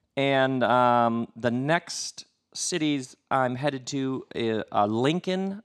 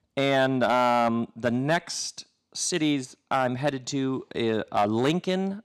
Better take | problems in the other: first | distortion; slight; 2% of the sound clipped

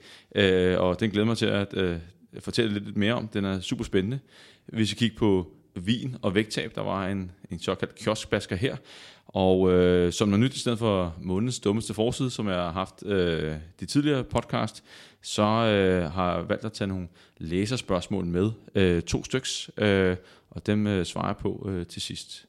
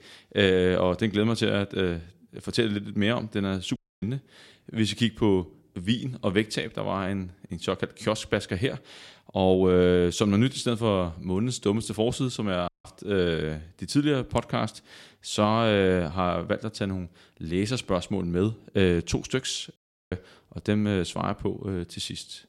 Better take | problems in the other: first | audio cutting out; at 4 s, at 13 s and at 20 s

